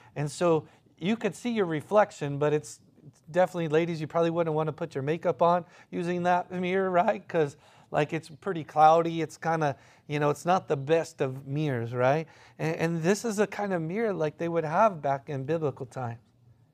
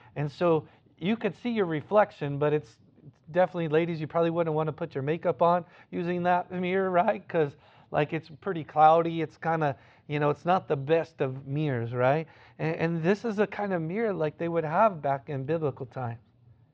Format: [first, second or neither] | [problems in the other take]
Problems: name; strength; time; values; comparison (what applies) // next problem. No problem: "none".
first | muffled; slightly; fading above 4 kHz